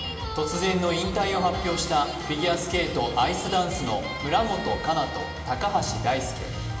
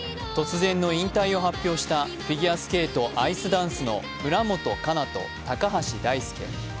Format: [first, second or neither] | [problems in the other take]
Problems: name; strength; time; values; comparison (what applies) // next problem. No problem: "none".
second | room echo; dies away in 2.4 s